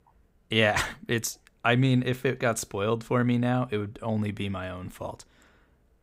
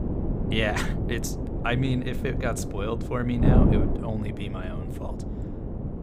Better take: first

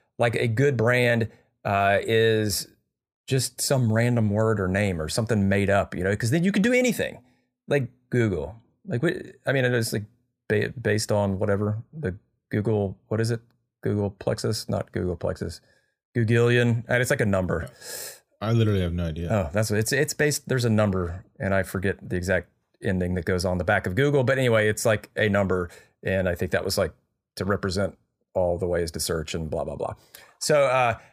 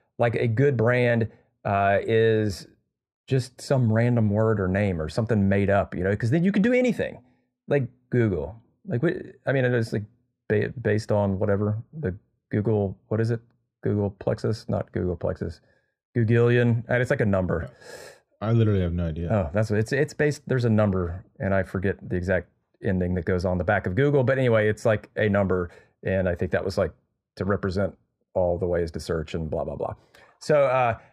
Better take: first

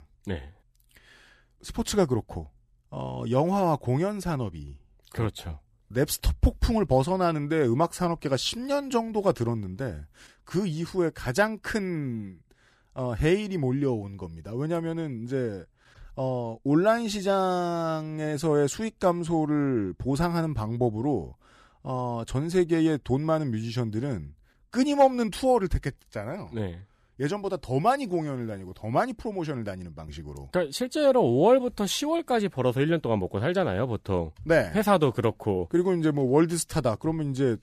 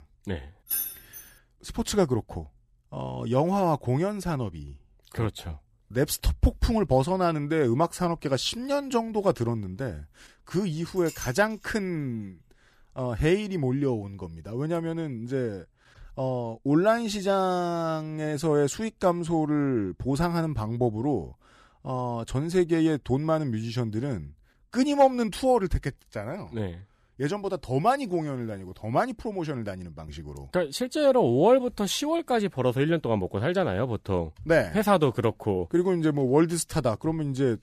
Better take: first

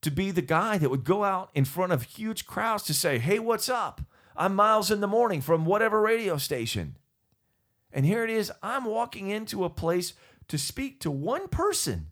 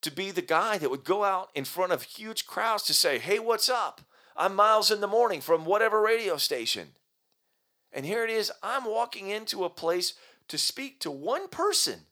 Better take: first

